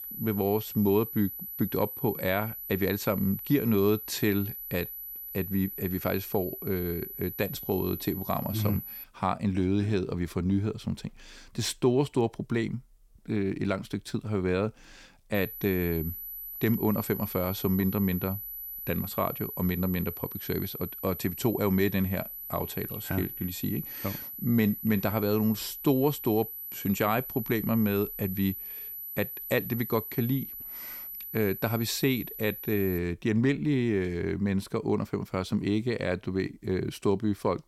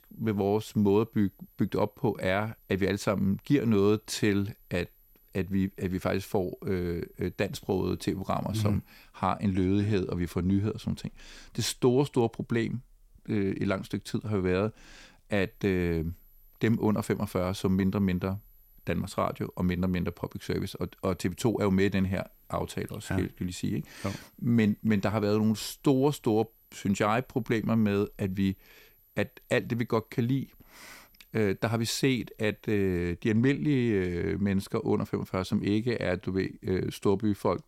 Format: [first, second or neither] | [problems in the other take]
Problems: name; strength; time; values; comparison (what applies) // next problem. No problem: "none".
second | high-pitched whine; loud; until 9 s and from 15 to 33 s; 12 kHz, 7 dB below the speech; faint in the second